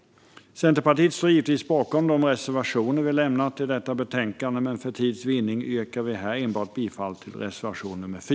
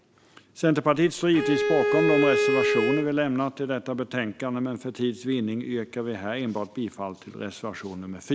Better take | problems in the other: first | background sound (Bowed string instrument); 2 dB above the speech

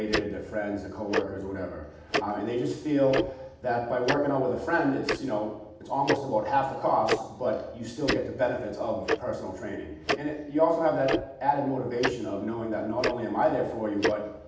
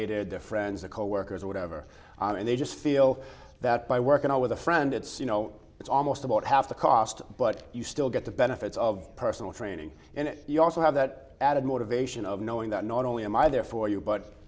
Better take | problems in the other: second | background sound (Tick-tock); 6 dB below the speech // room echo; dies away in 0.8 s

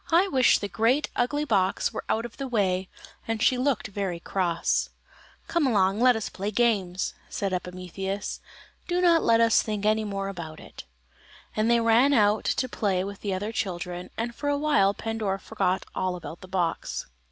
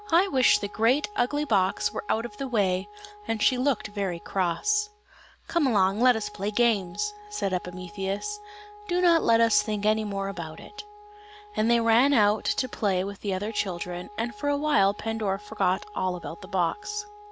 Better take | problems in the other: first | background sound (Wind instrument, woodwind instrument); 19 dB below the speech

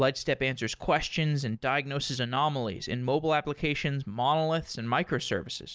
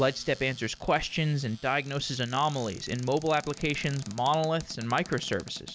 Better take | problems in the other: first | background sound (Cupboard open or close); 19 dB below the speech

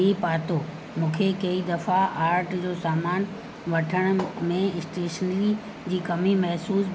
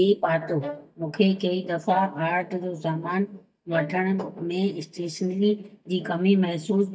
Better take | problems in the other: first | noise reduction (neural mask model DeepFilterNet 3)

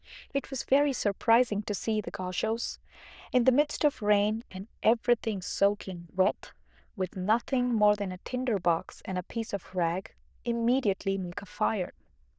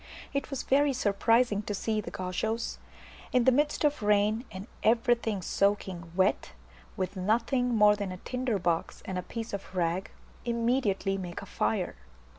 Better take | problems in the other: second | noise reduction (neural diffusion model UNIVERSE++)

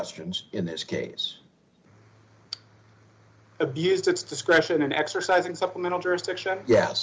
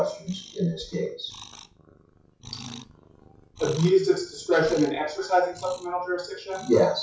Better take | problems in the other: first | noise reduction (classical method WPE with log-MMSE)

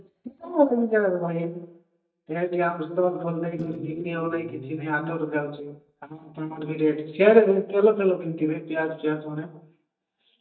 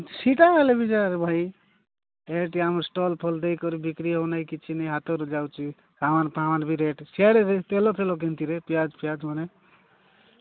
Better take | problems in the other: second | noise reduction (neural mask model DeepFilterNet 3)

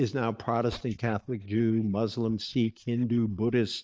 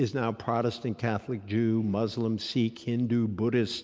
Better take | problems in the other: second | noise reduction (neural mask model DeepFilterNet 3)

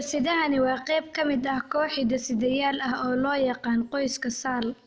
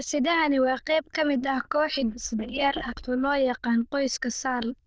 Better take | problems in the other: first | noise reduction (neural diffusion model UNIVERSE++)

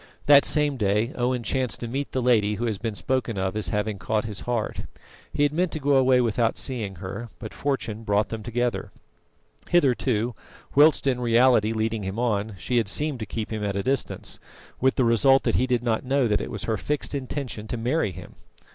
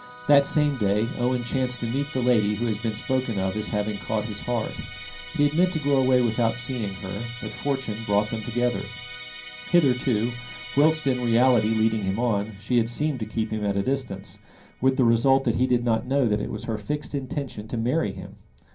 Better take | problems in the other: first | background sound (Musical instrument); 17 dB below the speech // room echo; dies away in 0.3 s

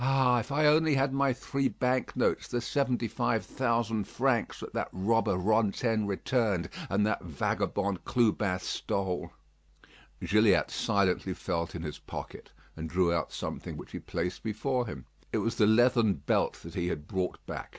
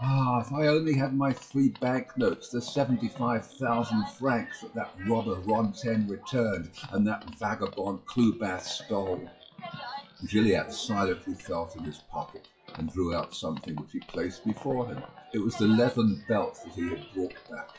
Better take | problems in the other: first | noise reduction (classical method WPE with log-MMSE)

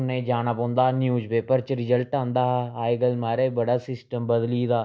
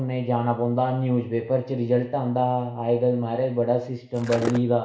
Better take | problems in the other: first | background sound (Skateboard); 7 dB below the speech // room echo; dies away in 0.6 s

